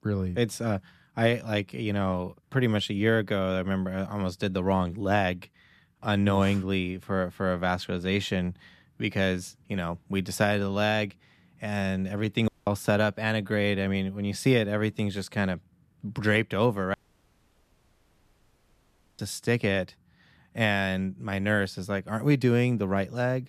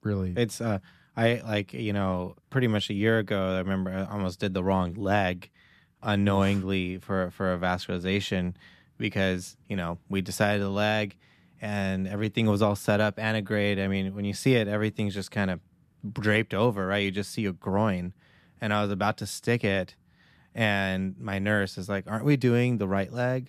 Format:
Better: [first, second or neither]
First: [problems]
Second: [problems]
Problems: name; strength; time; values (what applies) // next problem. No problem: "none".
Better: second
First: audio cutting out; at 12 s and at 17 s for 2.5 s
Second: none